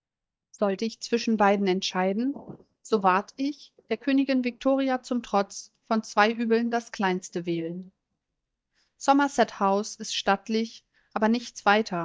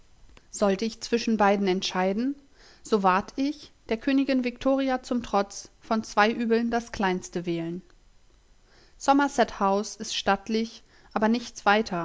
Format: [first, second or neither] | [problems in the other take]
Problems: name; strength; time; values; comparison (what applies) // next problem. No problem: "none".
second | noise reduction (neural mask model DeepFilterNet 3)